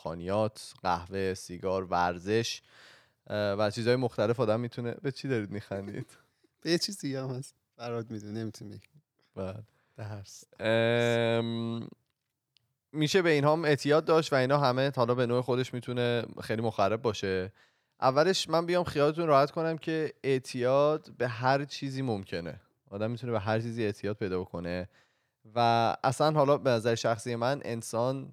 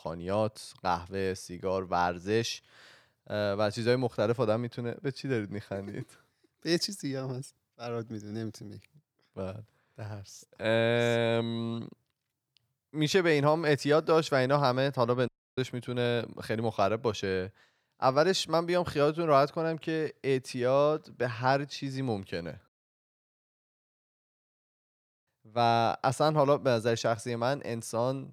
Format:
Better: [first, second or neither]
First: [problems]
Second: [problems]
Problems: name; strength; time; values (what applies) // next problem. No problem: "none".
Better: first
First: none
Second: audio cutting out; at 15 s and at 23 s for 2.5 s